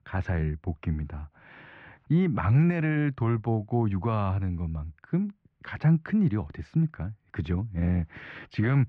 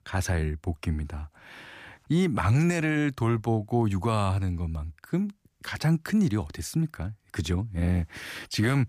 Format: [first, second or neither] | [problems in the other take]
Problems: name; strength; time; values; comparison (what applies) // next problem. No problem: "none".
second | muffled; very; fading above 2.5 kHz